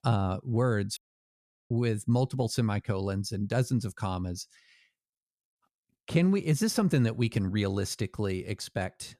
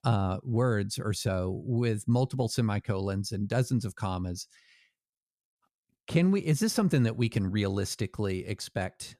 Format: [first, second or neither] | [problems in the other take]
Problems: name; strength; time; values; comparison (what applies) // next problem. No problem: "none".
second | audio cutting out; at 1 s for 0.5 s